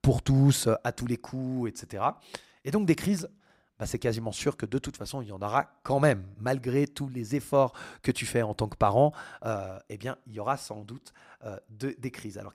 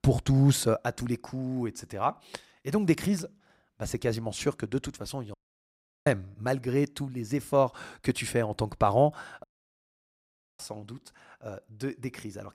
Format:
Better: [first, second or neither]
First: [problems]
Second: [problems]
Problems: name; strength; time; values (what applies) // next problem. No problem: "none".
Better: first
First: none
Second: audio cutting out; at 5.5 s for 0.5 s and at 9.5 s for 1 s